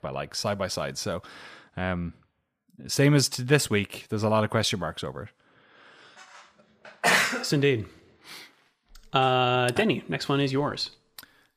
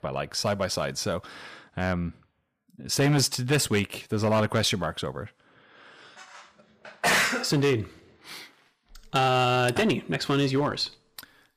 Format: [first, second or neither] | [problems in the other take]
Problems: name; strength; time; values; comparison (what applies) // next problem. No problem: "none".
first | distortion; slight; 5% of the sound clipped